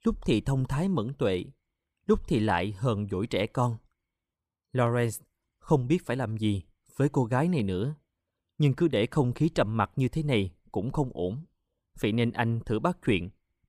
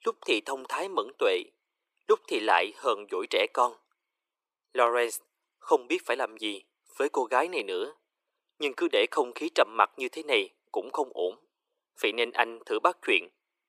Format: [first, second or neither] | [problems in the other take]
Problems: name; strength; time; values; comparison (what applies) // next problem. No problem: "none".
first | thin; very; fading below 350 Hz